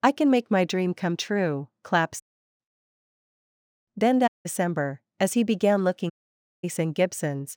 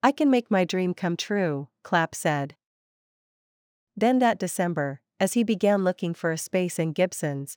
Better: second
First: audio cutting out; at 2 s, at 4.5 s and at 6 s for 0.5 s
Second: none

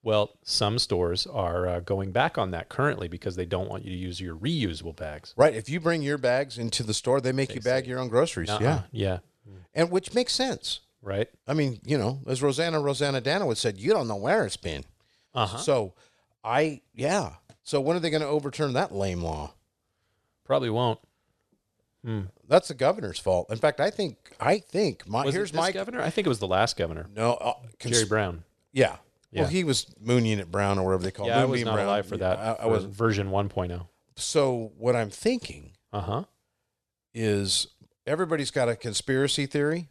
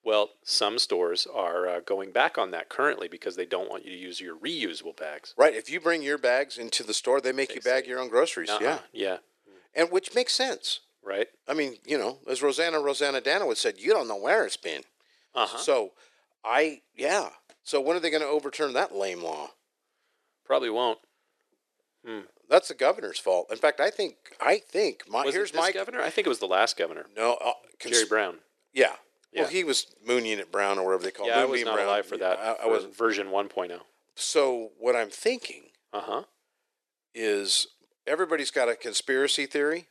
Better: first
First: none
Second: thin; somewhat; fading below 350 Hz

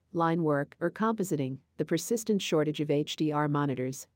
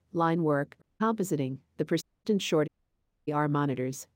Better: first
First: none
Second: audio cutting out; at 1 s, at 2 s and at 2.5 s for 0.5 s

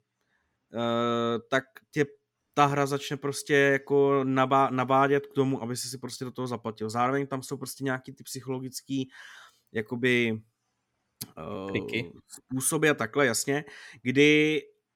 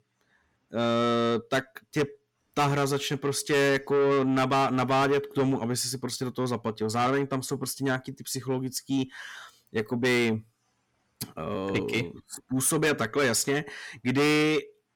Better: first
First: none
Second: distortion; heavy; 7 dB below the speech

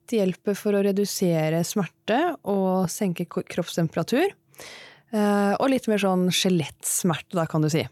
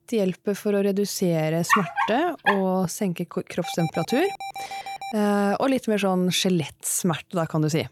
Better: first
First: none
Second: dog barking; loud; at 1.5 s; peak 2 dB above the speech // alarm; noticeable; from 3.5 to 5 s; peak 9 dB below the speech

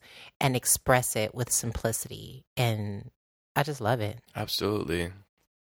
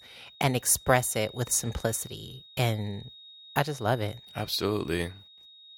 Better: first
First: none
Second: high-pitched whine; noticeable; throughout; 3.5 kHz, 20 dB below the speech

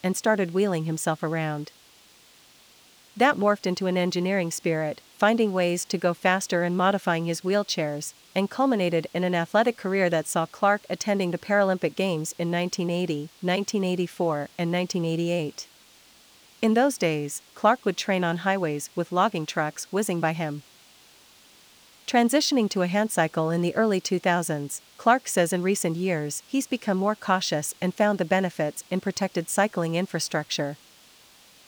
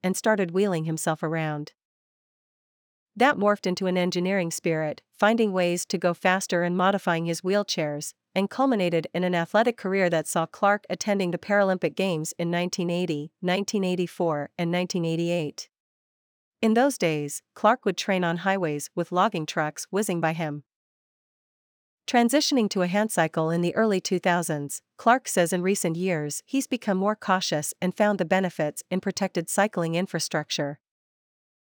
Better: second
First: hiss; faint; throughout; 25 dB below the speech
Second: none

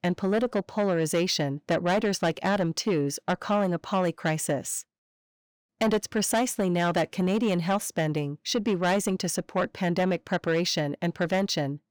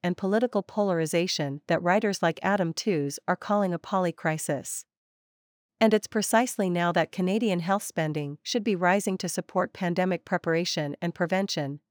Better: second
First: distortion; slight; 10 dB below the speech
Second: none

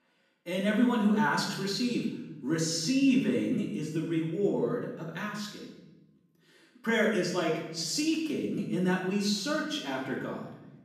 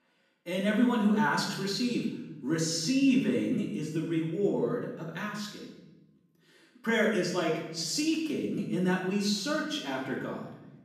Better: neither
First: off-mic speech; far // room echo; noticeable; dies away in 1 s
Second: off-mic speech; far // room echo; noticeable; dies away in 1 s

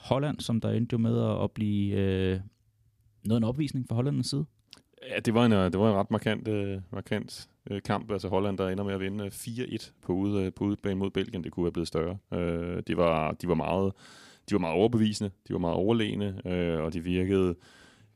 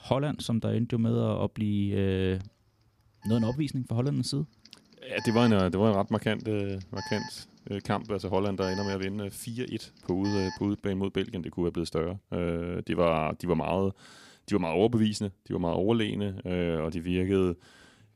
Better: first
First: none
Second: alarm; noticeable; from 2.5 to 11 s; peak 9 dB below the speech

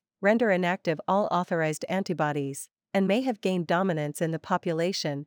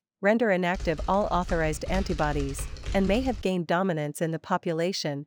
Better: first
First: none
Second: keyboard typing; noticeable; from 0.5 to 3.5 s; peak 8 dB below the speech

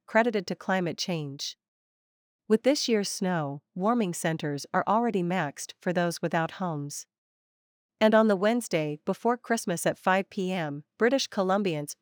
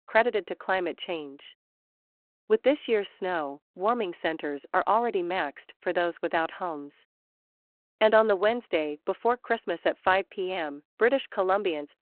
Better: first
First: none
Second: phone-call audio

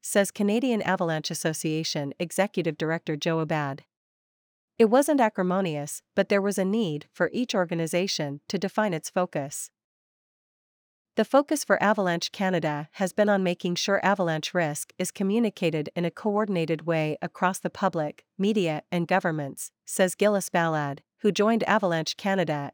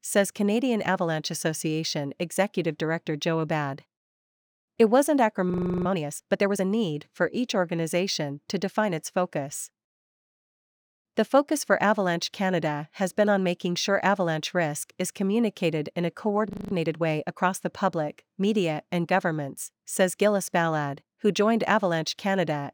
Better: first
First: none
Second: audio freezing; at 5.5 s and at 17 s

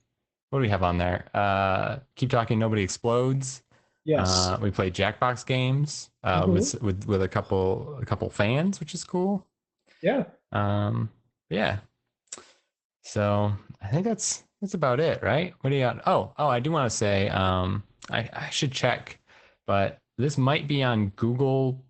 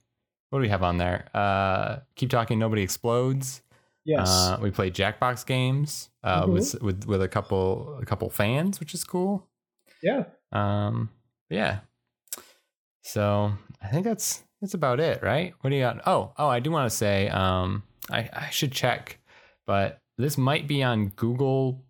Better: second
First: garbled, watery; badly; nothing above 8 kHz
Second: none

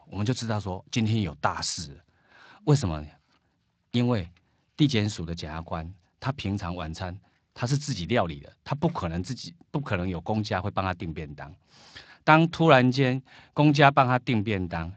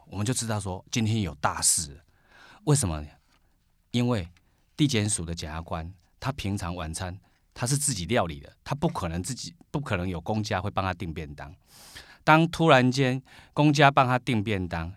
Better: second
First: garbled, watery; slightly; nothing above 8 kHz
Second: none

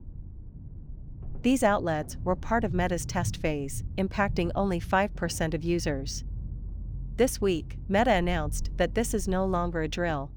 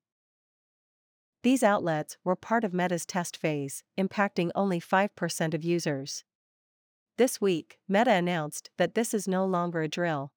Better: second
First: low rumble; faint; throughout; 25 dB below the speech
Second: none

